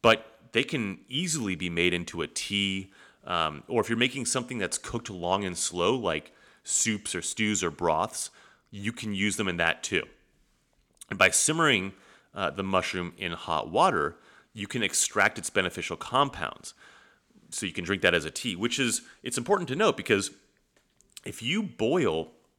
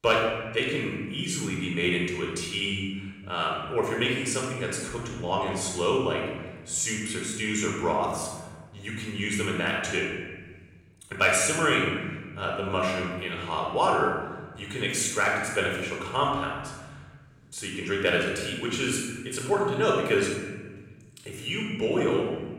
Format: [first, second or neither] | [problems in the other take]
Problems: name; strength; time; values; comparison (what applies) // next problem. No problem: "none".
first | off-mic speech; somewhat distant // room echo; noticeable; dies away in 1.5 s